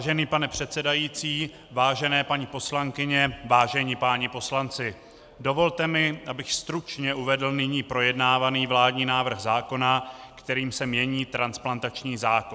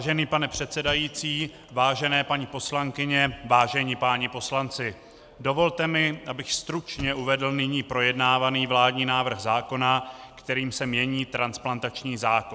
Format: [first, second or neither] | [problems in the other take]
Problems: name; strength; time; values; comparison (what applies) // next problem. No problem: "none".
first | background sound (Thump, thud); 20 dB below the speech